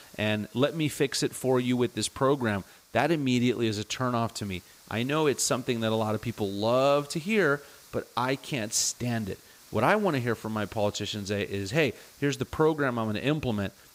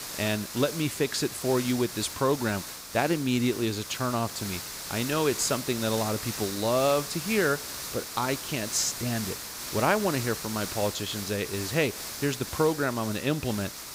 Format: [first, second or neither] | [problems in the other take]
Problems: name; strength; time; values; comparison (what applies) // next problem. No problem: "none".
first | hiss; loud; throughout; 7 dB below the speech; faint in the first